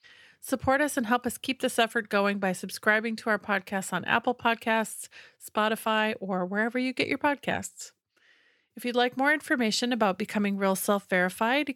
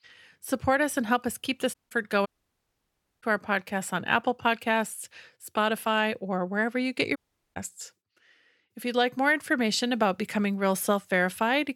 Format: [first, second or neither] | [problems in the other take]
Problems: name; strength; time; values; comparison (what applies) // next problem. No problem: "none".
first | audio cutting out; at 1.5 s, at 2.5 s for 1 s and at 7 s